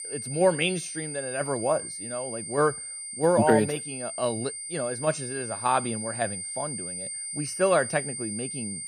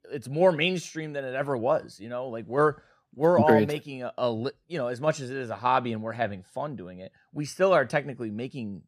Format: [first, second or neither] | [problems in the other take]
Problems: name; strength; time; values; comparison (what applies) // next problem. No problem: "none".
second | high-pitched whine; loud; throughout; 9 kHz, 6 dB below the speech